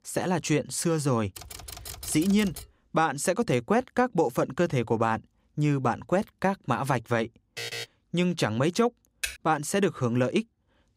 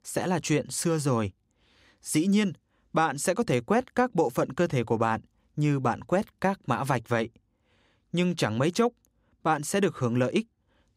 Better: second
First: keyboard typing; faint; from 1.5 to 2.5 s; peak 10 dB below the speech // alarm; noticeable; at 7.5 s; peak 7 dB below the speech // keyboard typing; noticeable; at 9 s; peak 7 dB below the speech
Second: none

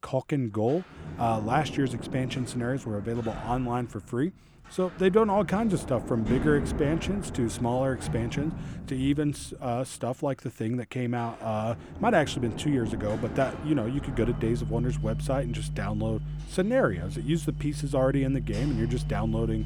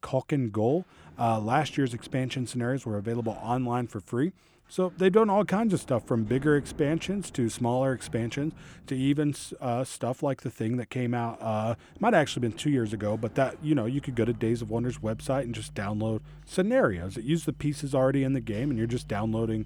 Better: second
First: household noises; loud; throughout; 7 dB below the speech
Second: household noises; faint; throughout; 20 dB below the speech

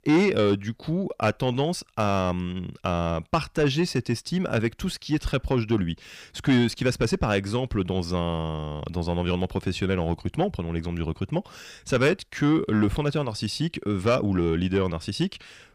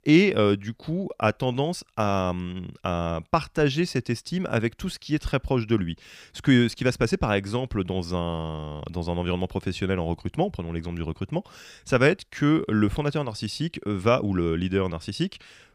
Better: second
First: distortion; slight; 10 dB below the speech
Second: none

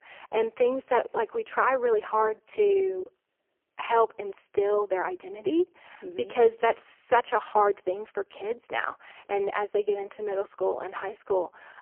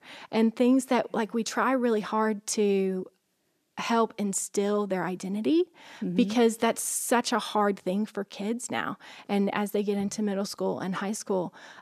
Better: second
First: phone-call audio; poor line; nothing above 3 kHz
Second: none

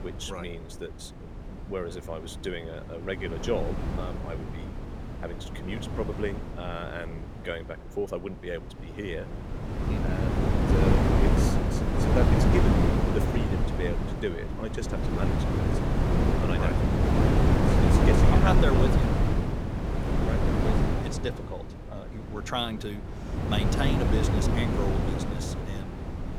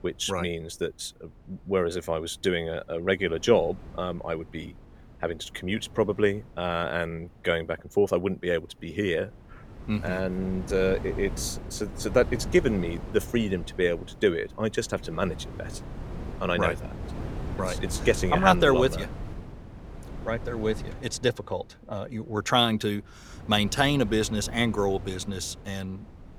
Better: second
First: wind noise on the microphone; heavy; 4 dB above the speech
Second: wind noise on the microphone; occasional gusts; 15 dB below the speech

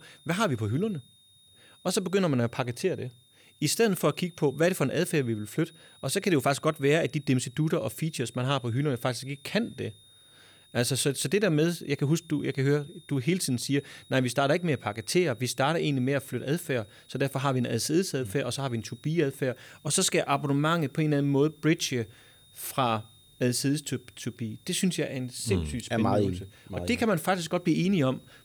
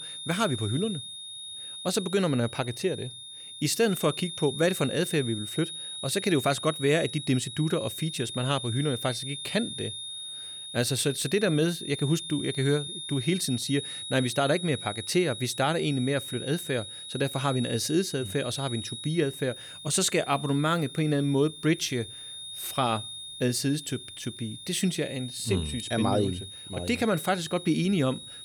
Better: first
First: high-pitched whine; faint; throughout; 3.5 kHz, 30 dB below the speech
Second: high-pitched whine; loud; throughout; 3.5 kHz, 9 dB below the speech

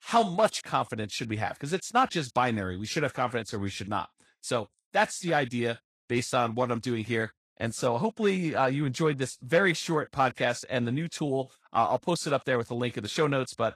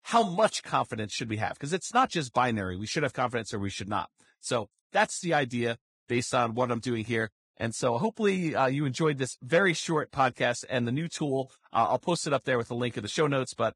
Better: first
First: garbled, watery; slightly; nothing above 12.5 kHz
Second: garbled, watery; badly

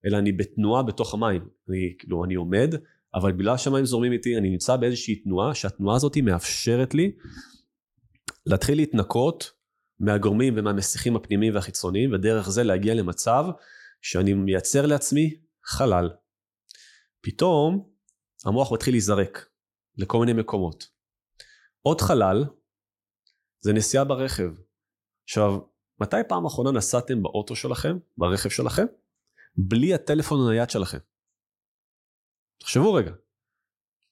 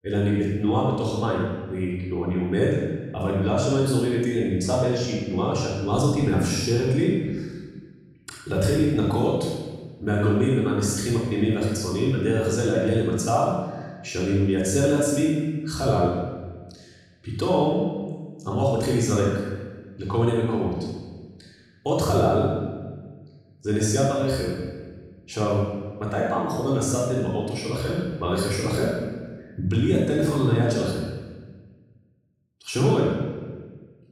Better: first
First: none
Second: room echo; strong; dies away in 1.2 s // off-mic speech; far

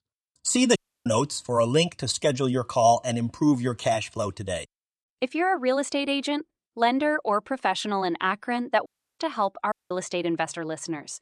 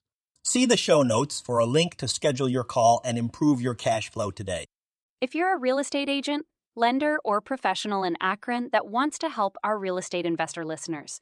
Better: second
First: audio cutting out; at 1 s, at 9 s and at 9.5 s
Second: none

